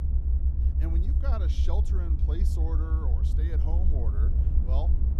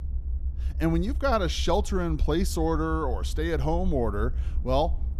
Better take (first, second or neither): second